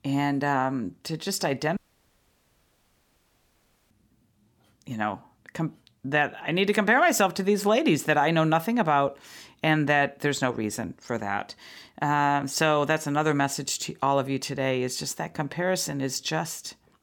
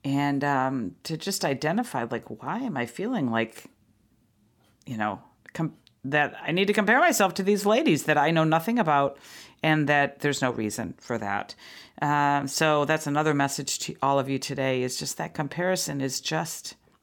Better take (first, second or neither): second